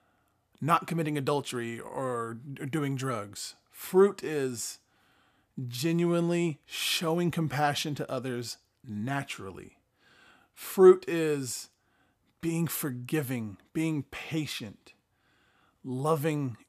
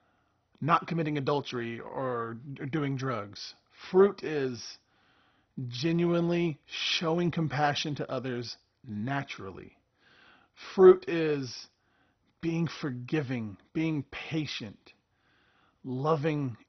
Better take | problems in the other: first | garbled, watery; badly; nothing above 6 kHz

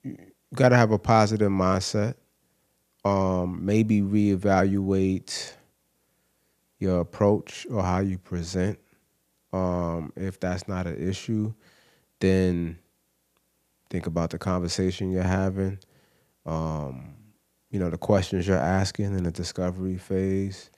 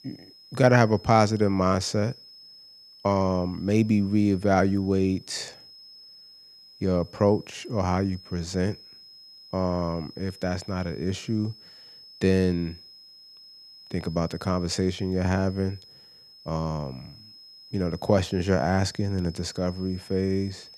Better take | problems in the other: first | high-pitched whine; faint; throughout; 5 kHz, 20 dB below the speech

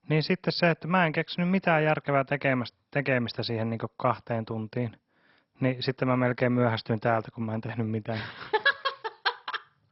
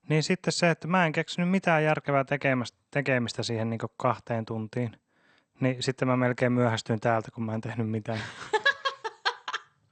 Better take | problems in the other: second | garbled, watery; badly; nothing above 5.5 kHz; slightly in the second

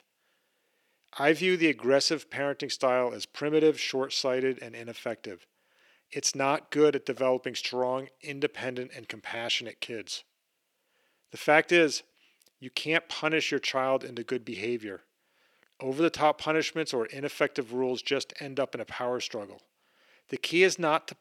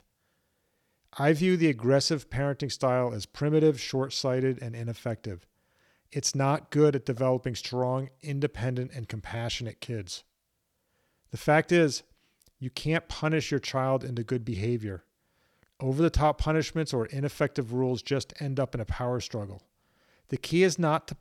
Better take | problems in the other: second | thin; somewhat; fading below 350 Hz

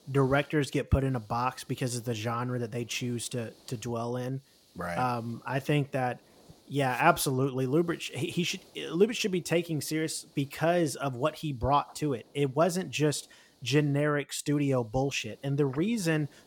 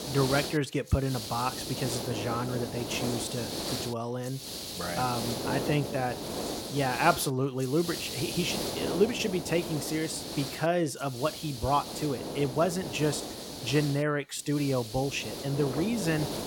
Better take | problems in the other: first | hiss; loud; throughout; 5 dB below the speech; faint in the first

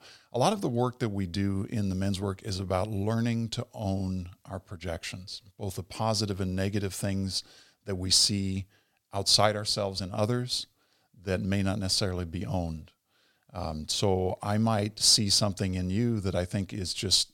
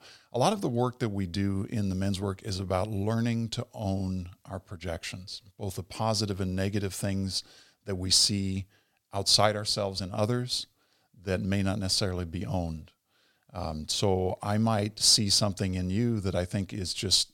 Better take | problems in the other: neither | none

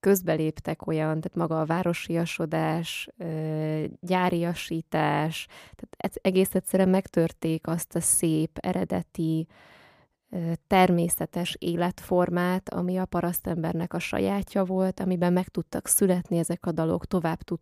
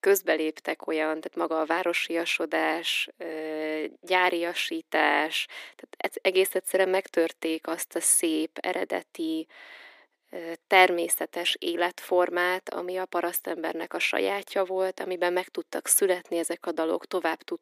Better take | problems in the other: first | thin; very; fading below 300 Hz

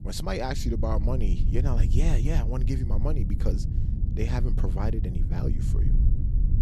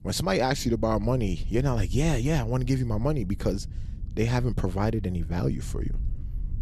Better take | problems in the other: second | low rumble; loud; throughout; 7 dB below the speech; faint in the second

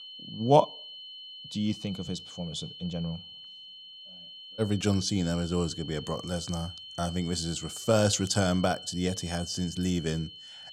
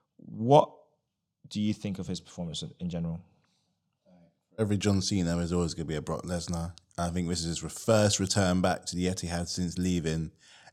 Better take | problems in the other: second | high-pitched whine; noticeable; throughout; 3 kHz, 15 dB below the speech

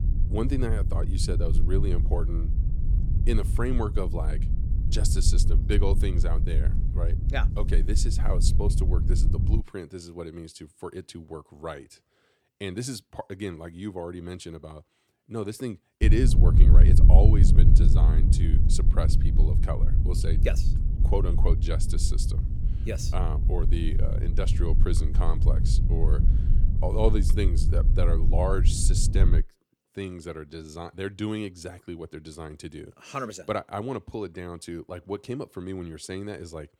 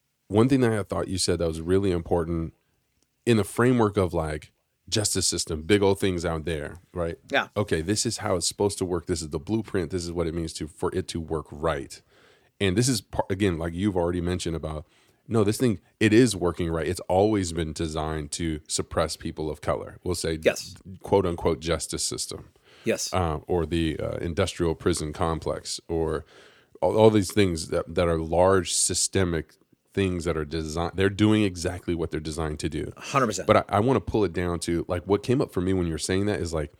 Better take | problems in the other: second | low rumble; loud; until 9.5 s and from 16 to 29 s; 6 dB below the speech

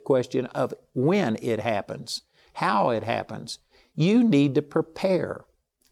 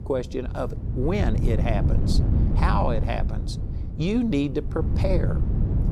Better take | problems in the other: first | wind noise on the microphone; heavy; 8 dB below the speech

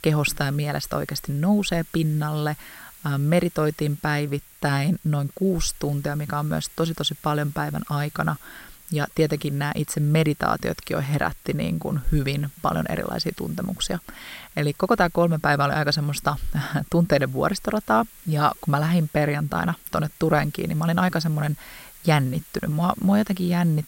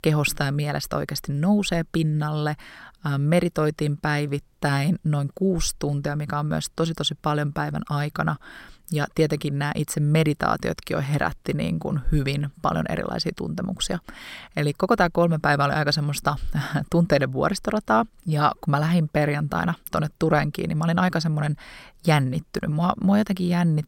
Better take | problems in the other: second | hiss; faint; throughout; 20 dB below the speech

